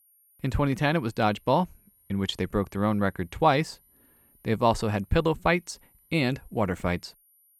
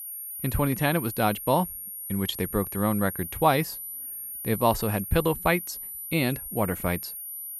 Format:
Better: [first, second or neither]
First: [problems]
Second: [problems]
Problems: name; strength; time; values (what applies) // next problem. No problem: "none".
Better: first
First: high-pitched whine; faint; throughout; 11.5 kHz, 35 dB below the speech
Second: high-pitched whine; loud; throughout; 11.5 kHz, 7 dB below the speech